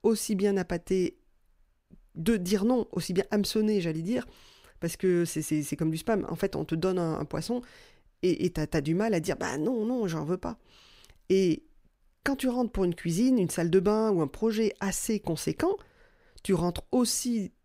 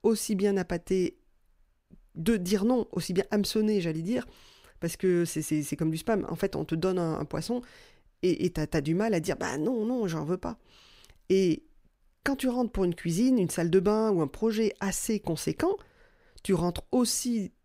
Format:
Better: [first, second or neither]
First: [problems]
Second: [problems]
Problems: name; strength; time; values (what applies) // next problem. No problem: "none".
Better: neither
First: none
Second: none